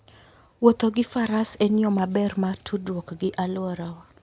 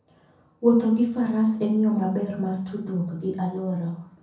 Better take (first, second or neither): first